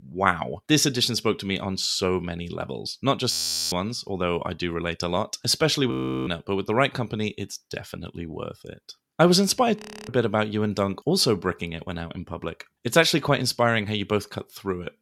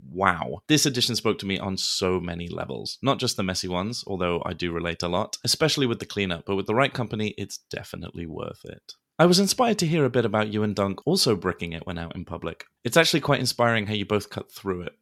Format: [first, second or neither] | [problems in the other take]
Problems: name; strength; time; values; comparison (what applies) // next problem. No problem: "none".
second | audio freezing; at 3.5 s, at 6 s and at 10 s